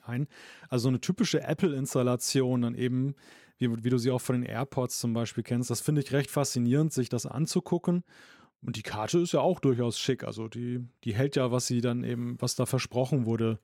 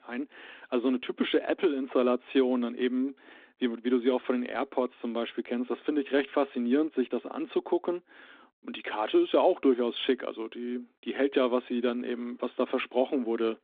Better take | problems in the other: first | phone-call audio

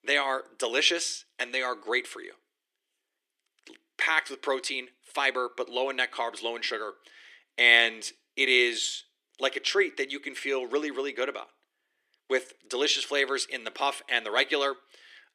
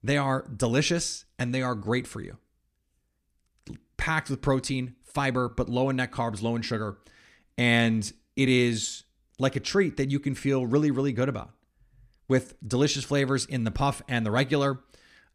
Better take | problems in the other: second | thin; very; fading below 350 Hz

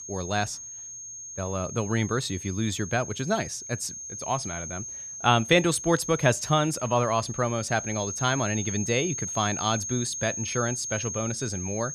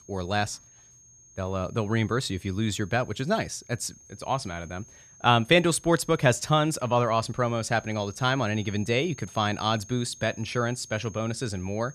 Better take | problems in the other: second | high-pitched whine; loud; throughout; 6.5 kHz, 7 dB below the speech; faint in the second

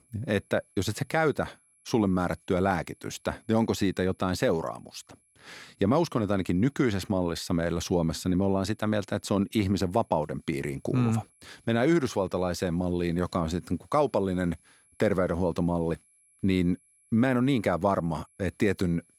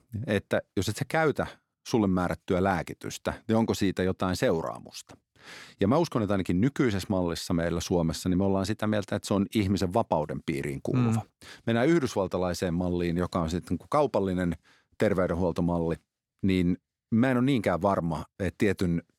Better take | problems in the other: second | high-pitched whine; faint; throughout; 11 kHz, 35 dB below the speech

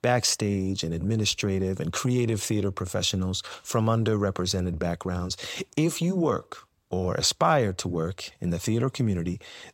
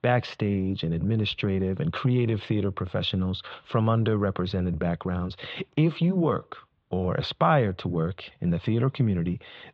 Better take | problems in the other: first | muffled; very; fading above 3.5 kHz

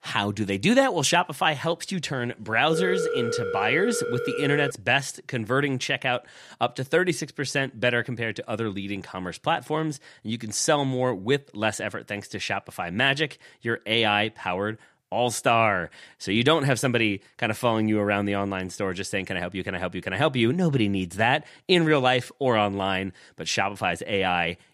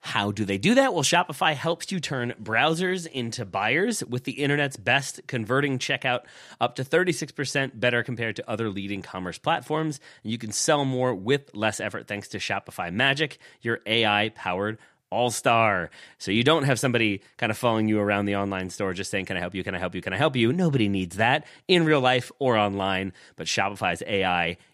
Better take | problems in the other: second | phone ringing; noticeable; from 2.5 to 4.5 s; peak 1 dB below the speech

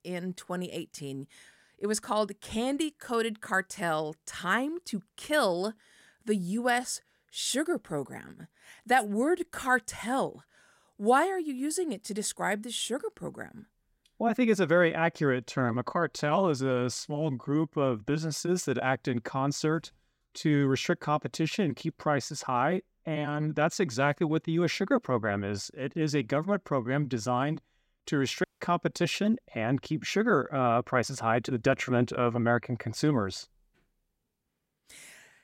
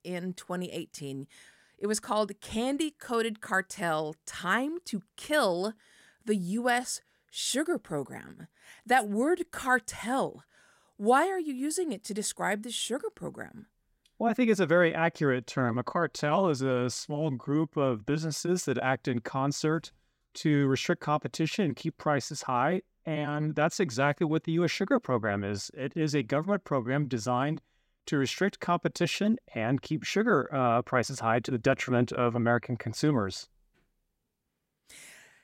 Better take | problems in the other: second | audio cutting out; at 28 s

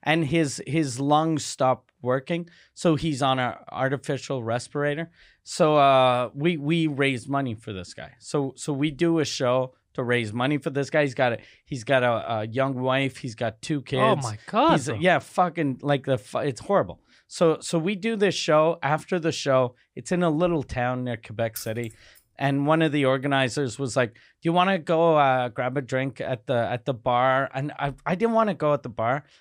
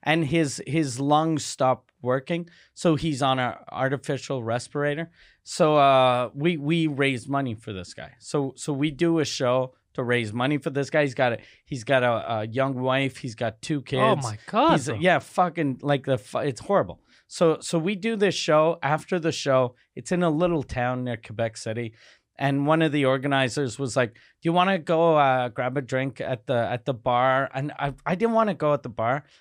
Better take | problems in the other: second | jangling keys; faint; at 22 s; peak 15 dB below the speech

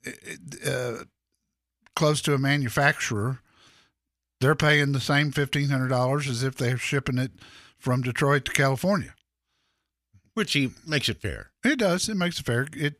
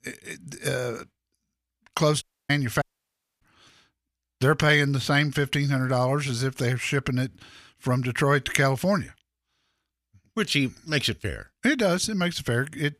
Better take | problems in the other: first | audio cutting out; at 2 s and at 3 s for 0.5 s

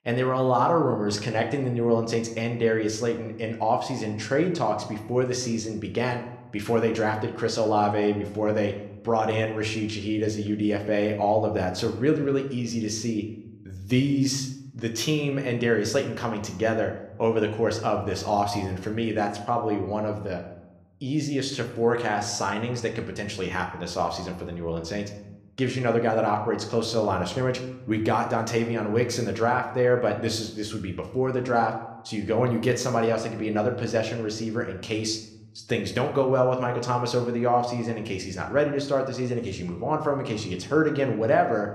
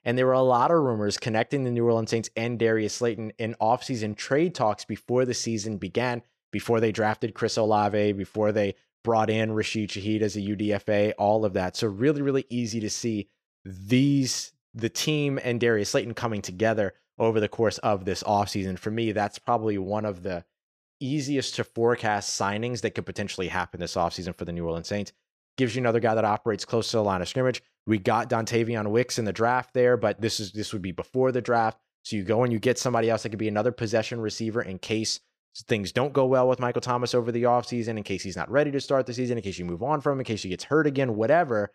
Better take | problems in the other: second | room echo; slight; dies away in 0.6 s

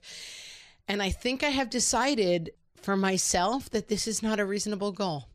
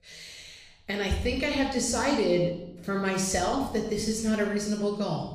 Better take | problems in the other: first | room echo; noticeable; dies away in 0.9 s // off-mic speech; somewhat distant

